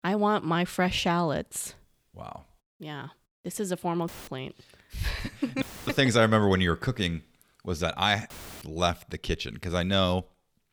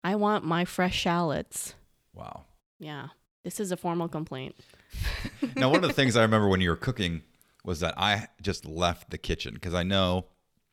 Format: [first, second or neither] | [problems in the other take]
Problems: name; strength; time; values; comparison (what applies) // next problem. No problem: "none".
second | audio cutting out; filled with static; at 4 s, at 5.5 s and at 8.5 s